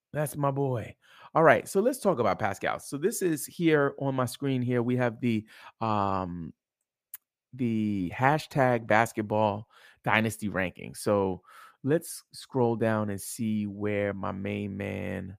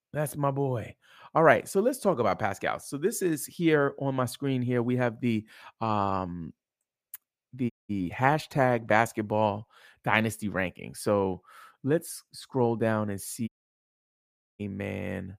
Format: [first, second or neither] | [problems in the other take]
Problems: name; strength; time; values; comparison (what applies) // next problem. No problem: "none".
first | audio cutting out; at 7.5 s and at 13 s for 1 s